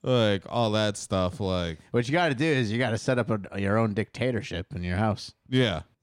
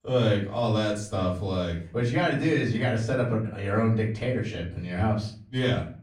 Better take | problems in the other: first | off-mic speech; far // room echo; slight; dies away in 0.4 s

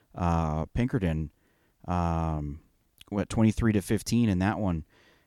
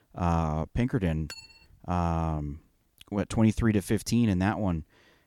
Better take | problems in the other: first | clattering dishes; faint; at 1.5 s; peak 15 dB below the speech

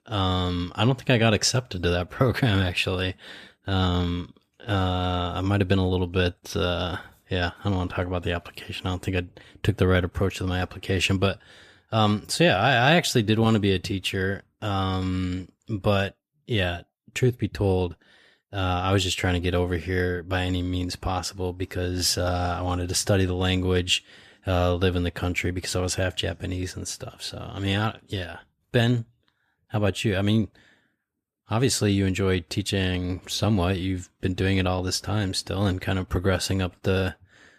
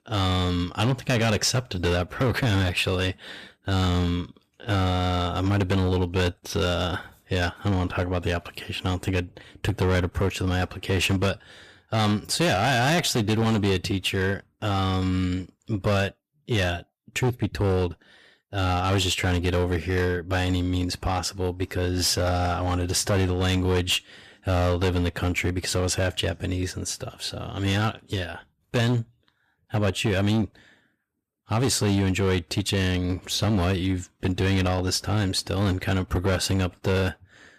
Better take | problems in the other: first | distortion; slight; 12% of the sound clipped

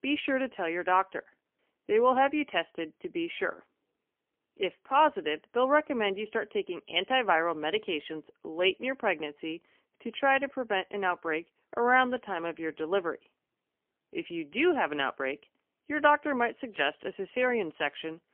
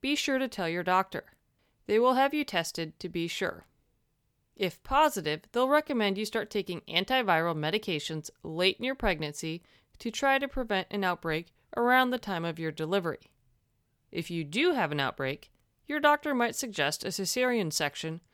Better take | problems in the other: second | phone-call audio; poor line; nothing above 3 kHz

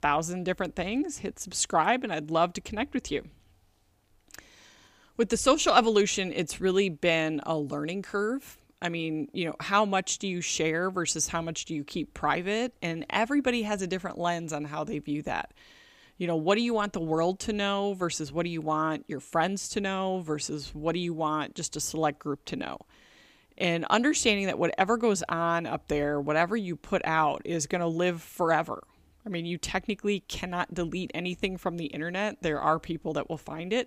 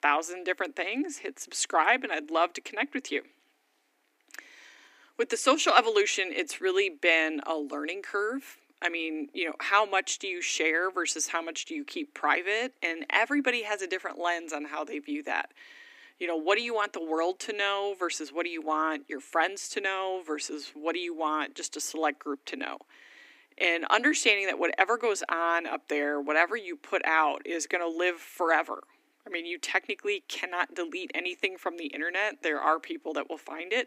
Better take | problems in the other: first | thin; somewhat; fading below 250 Hz

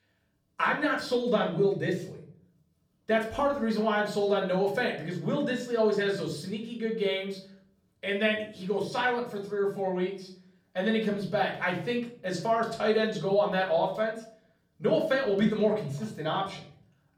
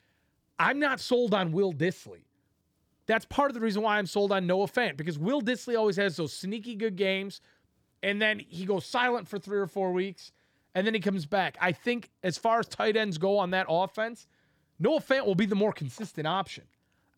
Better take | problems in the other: second | off-mic speech; far // room echo; slight; dies away in 0.5 s

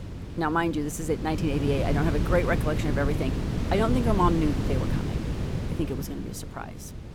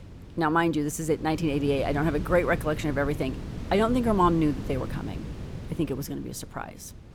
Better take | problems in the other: second | wind noise on the microphone; heavy; 8 dB below the speech; occasional gusts in the second

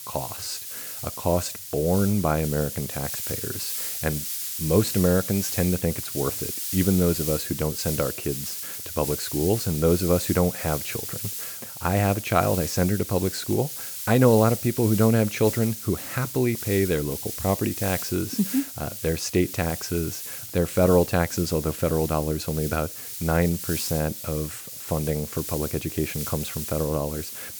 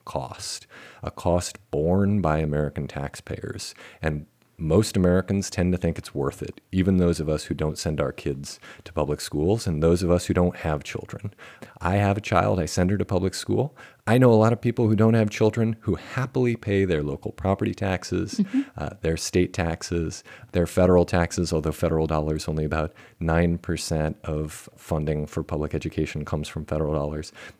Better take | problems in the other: second | hiss; loud; throughout; 6 dB below the speech

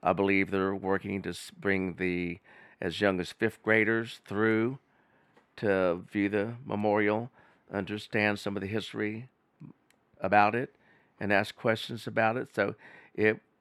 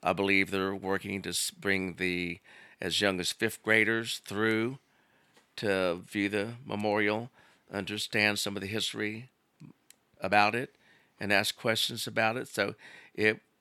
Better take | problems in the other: second | muffled; slightly; fading above 3 kHz

